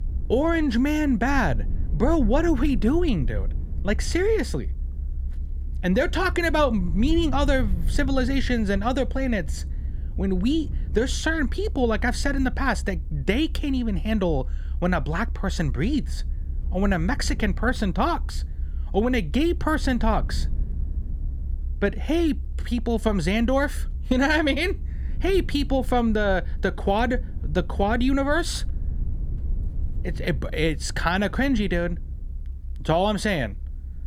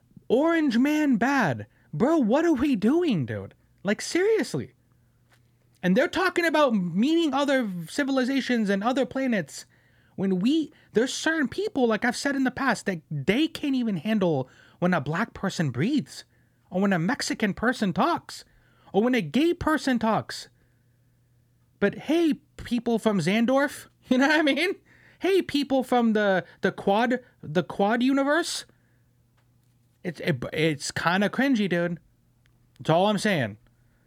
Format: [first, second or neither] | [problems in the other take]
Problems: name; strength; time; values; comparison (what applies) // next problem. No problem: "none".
second | low rumble; faint; throughout; 25 dB below the speech